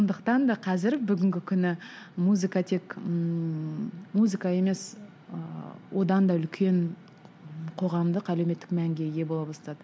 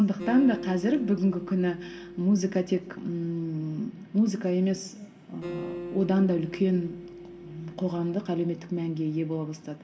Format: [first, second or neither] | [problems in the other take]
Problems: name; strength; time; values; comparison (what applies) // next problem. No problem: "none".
first | background sound (Acoustic guitar); 14 dB below the speech // room echo; dies away in 0.8 s